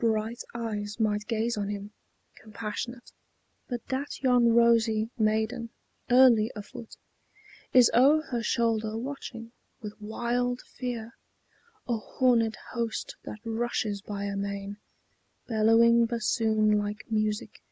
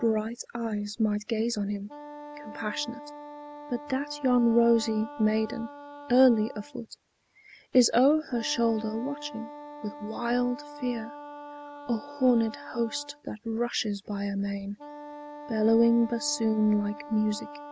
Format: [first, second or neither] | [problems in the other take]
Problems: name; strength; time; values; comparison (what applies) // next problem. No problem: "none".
first | background sound (Wind instrument, woodwind instrument); 16 dB below the speech